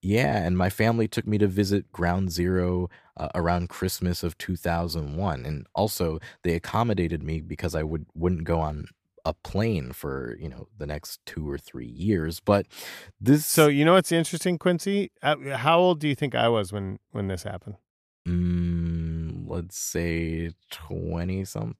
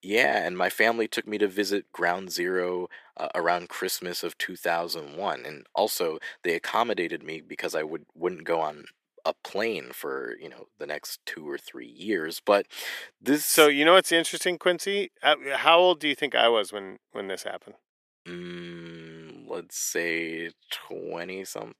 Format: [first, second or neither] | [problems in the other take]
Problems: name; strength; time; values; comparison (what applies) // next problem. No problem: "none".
first | thin; somewhat; fading below 350 Hz